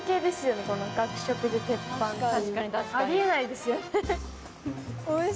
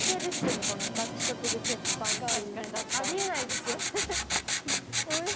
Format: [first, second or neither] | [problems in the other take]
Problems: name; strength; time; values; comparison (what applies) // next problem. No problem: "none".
first | background sound (Writing); 4 dB above the speech